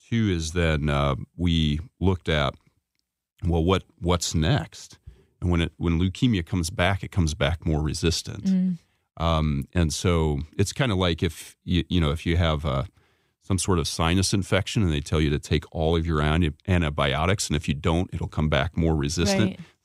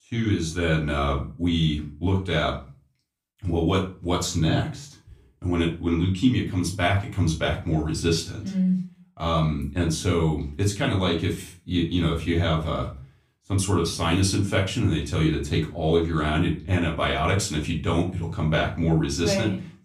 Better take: first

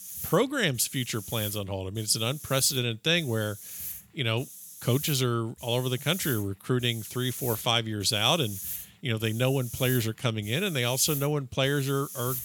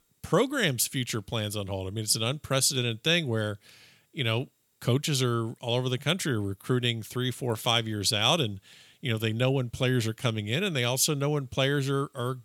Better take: second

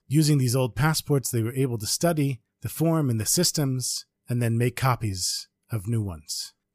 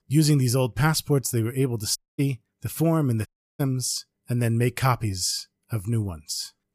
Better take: first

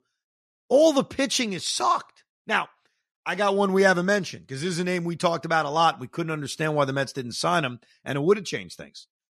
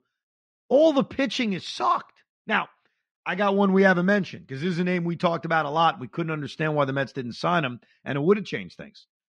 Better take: first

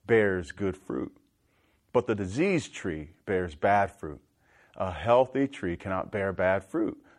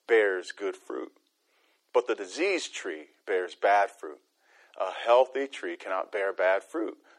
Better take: first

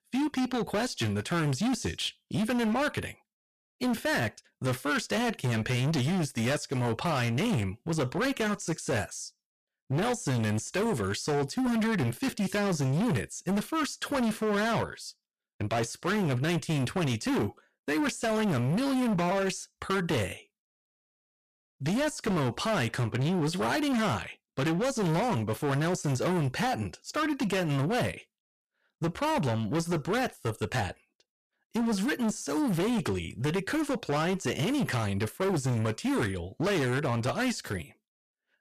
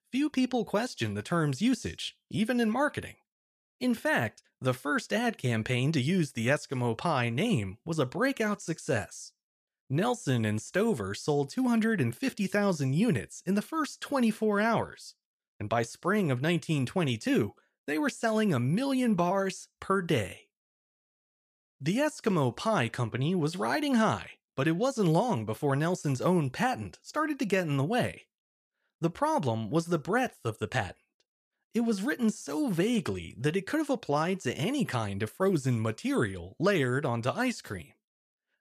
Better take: second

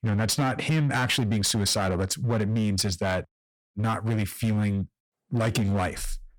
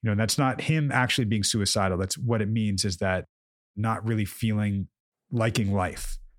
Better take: second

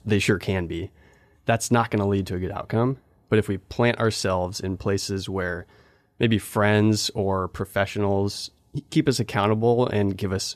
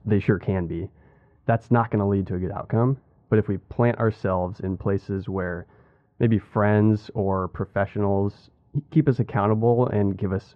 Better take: first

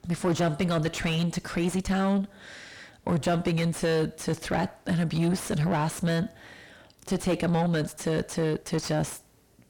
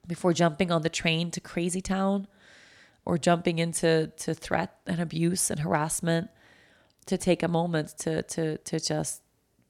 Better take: second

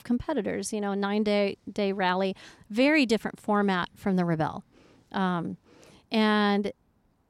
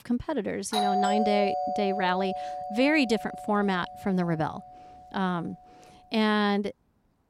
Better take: first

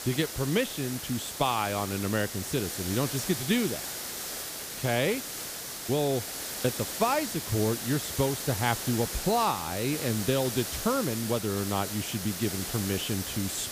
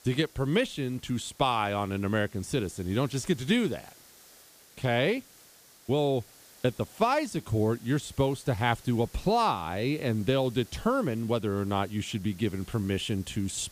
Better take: second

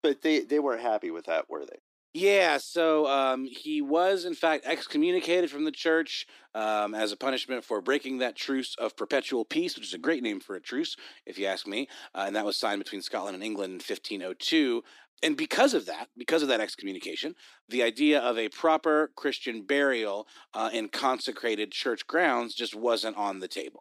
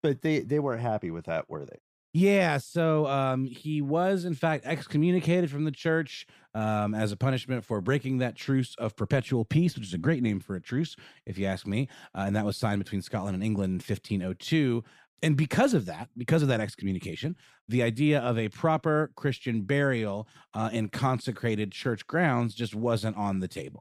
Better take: second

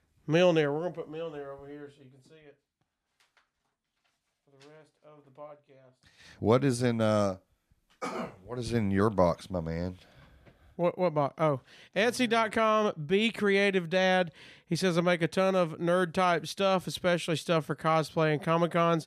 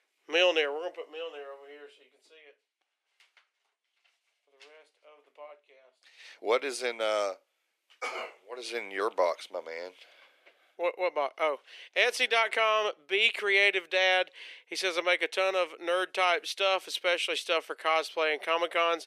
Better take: first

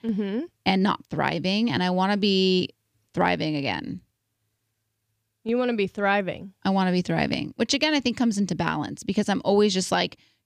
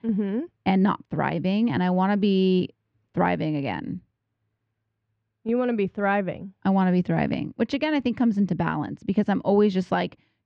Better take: first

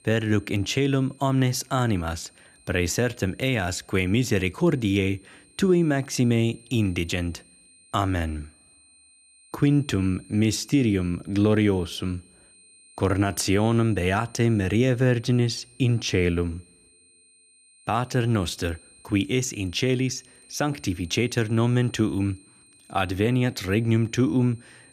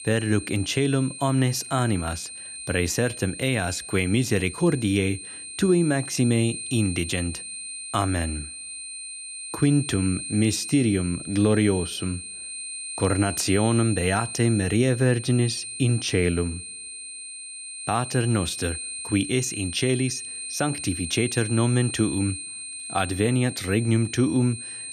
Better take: first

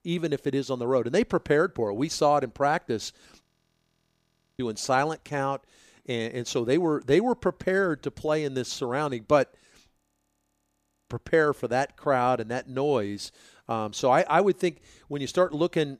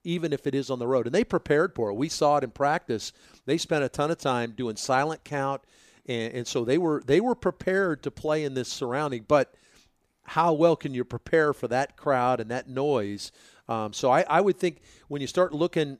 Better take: second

